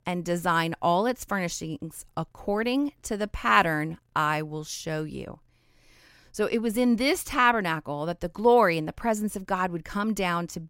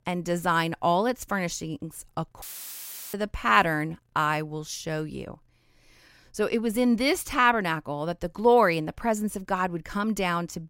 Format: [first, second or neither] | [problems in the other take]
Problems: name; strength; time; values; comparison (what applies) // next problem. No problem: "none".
first | audio cutting out; filled with static; at 2.5 s for 0.5 s